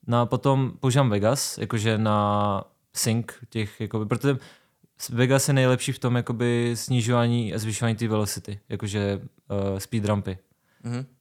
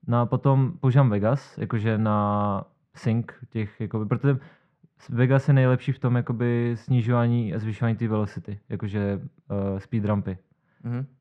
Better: first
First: none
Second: muffled; very; fading above 2 kHz

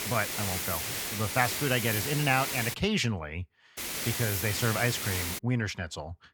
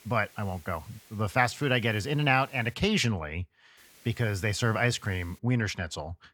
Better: second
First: hiss; loud; until 2.5 s and from 4 to 5.5 s; 1 dB below the speech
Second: hiss; faint; until 2.5 s and from 4 to 5.5 s; 25 dB below the speech

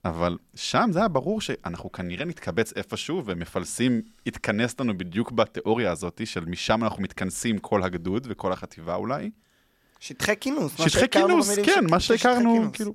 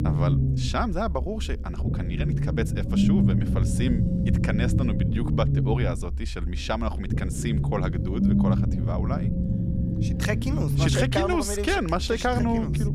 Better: first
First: none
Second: low rumble; loud; throughout; 4 dB below the speech

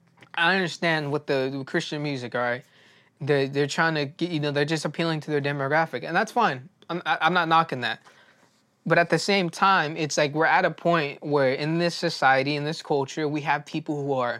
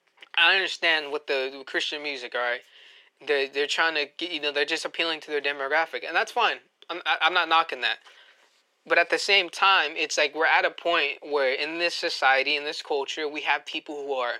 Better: first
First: none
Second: thin; very; fading below 400 Hz

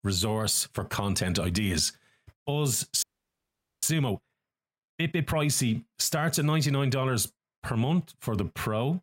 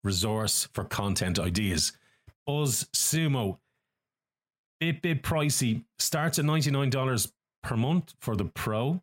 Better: second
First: audio freezing; at 3 s for 1 s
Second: none

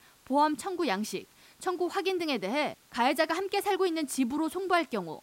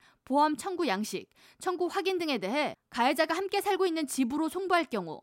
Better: second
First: hiss; faint; throughout; 30 dB below the speech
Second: none

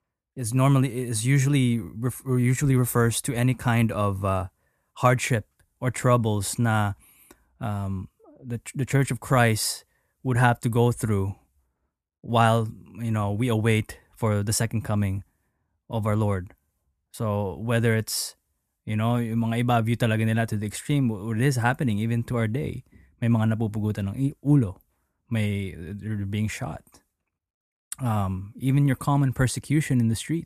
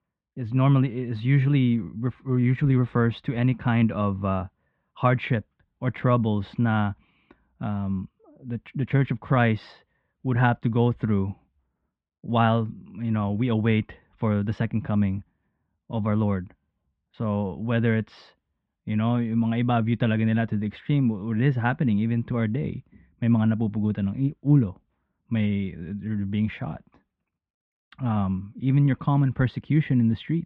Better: first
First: none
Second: muffled; very; fading above 3.5 kHz

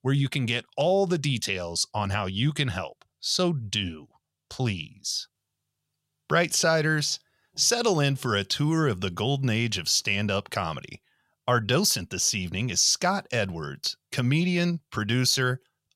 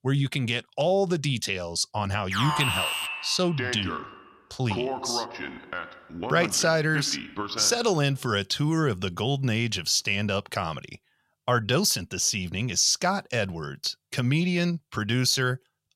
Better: first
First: none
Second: alarm; loud; from 2.5 to 8 s; peak 1 dB above the speech

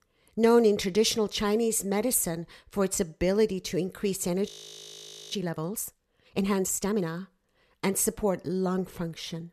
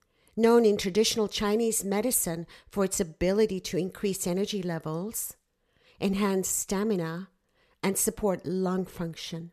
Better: second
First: audio freezing; at 4.5 s for 1 s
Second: none

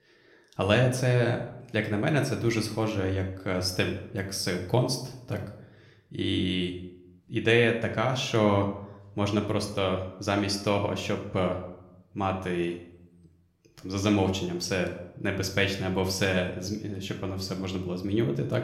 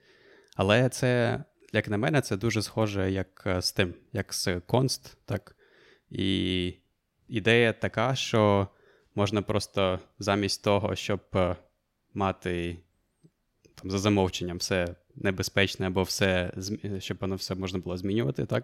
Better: second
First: room echo; slight; dies away in 0.6 s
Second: none

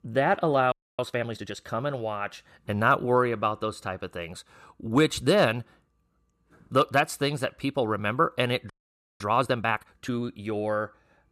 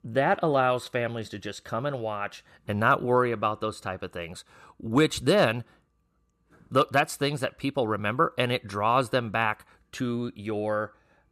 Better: second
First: audio freezing; at 0.5 s and at 8.5 s for 0.5 s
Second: none

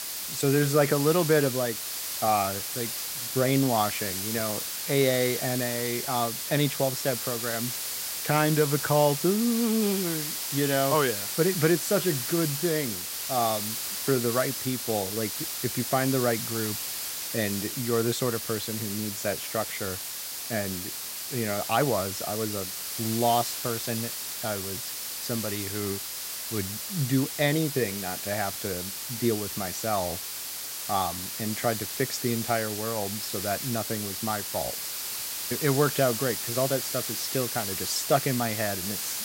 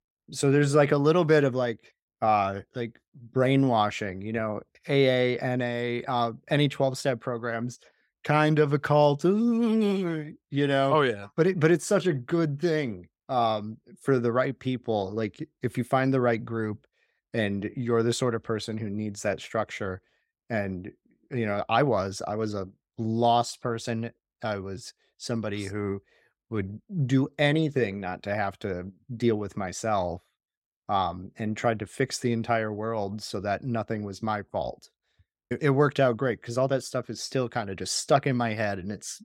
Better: second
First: hiss; loud; throughout; 2 dB below the speech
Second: none

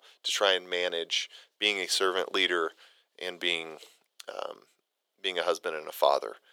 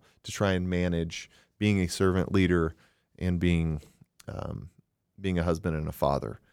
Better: second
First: thin; very; fading below 450 Hz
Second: none

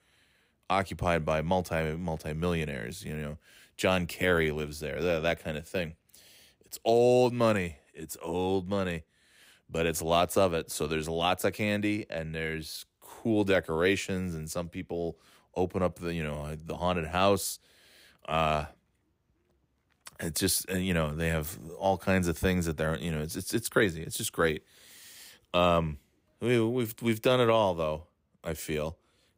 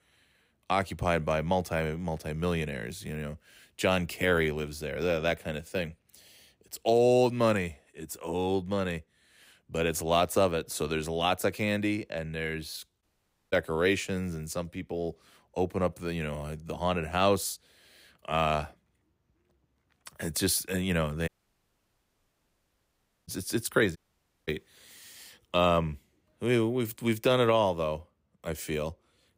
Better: first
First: none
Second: audio cutting out; at 13 s for 0.5 s, at 21 s for 2 s and at 24 s for 0.5 s

